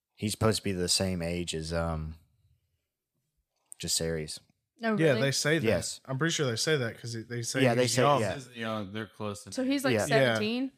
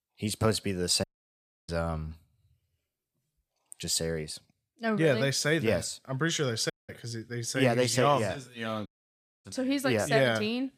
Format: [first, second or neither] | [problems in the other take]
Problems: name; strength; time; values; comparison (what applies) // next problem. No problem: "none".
first | audio cutting out; at 1 s for 0.5 s, at 6.5 s and at 9 s for 0.5 s